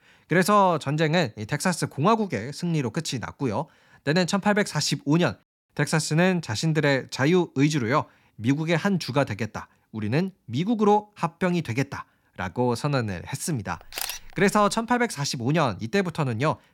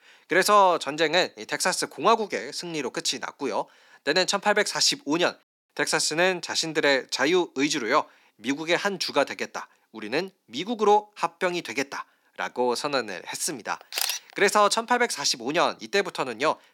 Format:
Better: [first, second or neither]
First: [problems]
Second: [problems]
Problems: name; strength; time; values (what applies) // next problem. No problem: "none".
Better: first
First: none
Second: thin; somewhat; fading below 350 Hz